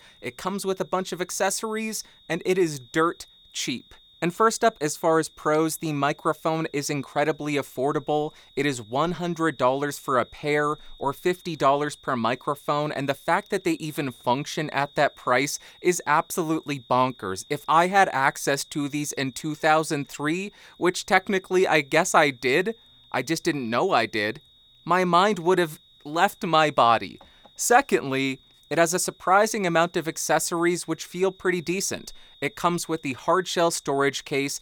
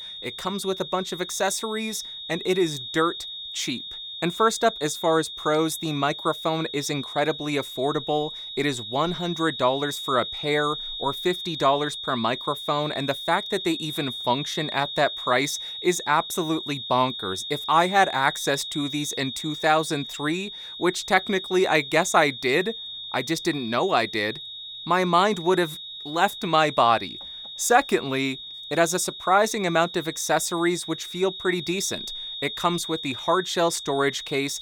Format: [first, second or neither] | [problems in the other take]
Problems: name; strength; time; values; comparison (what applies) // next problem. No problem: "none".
first | high-pitched whine; loud; throughout; 3.5 kHz, 8 dB below the speech; faint in the first